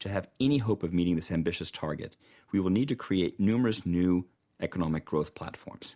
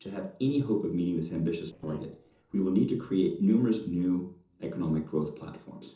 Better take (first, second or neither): first